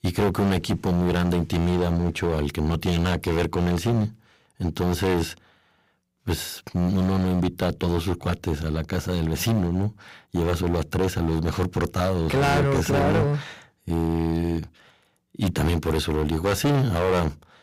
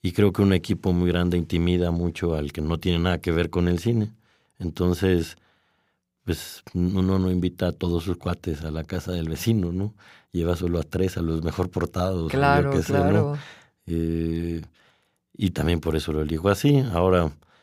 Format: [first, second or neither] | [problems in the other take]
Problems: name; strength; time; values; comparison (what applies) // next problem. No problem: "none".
second | distortion; heavy; 14% of the sound clipped